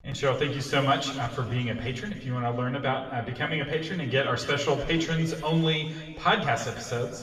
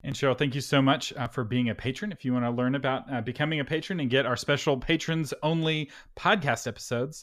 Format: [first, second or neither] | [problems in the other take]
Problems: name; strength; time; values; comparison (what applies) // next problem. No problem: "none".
second | room echo; noticeable; dies away in 1.9 s // off-mic speech; far